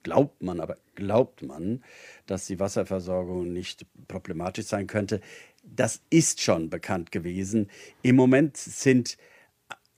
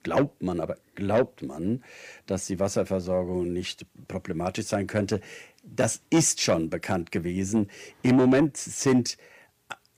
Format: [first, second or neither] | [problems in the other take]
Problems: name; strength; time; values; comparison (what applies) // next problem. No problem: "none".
first | distortion; slight; 10 dB below the speech